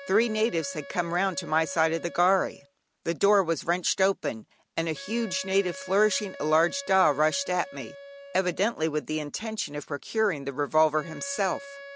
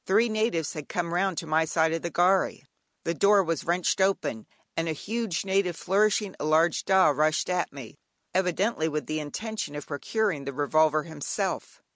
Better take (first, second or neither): second